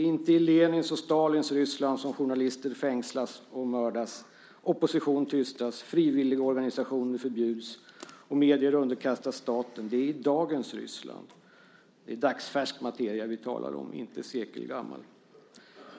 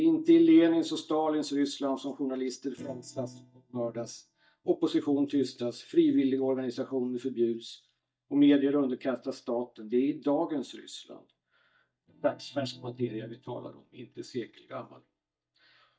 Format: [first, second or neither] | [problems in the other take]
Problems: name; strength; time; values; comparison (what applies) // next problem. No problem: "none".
first | noise reduction (neural mask model DeepFilterNet 3)